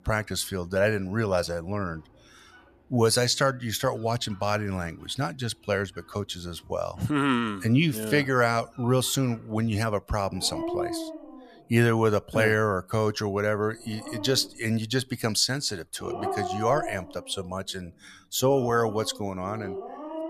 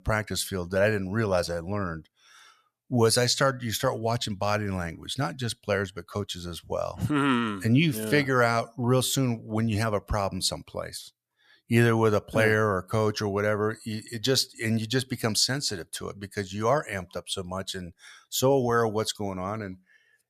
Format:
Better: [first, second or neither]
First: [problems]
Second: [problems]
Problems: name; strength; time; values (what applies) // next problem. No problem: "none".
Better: second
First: animal sounds; noticeable; throughout; 10 dB below the speech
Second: none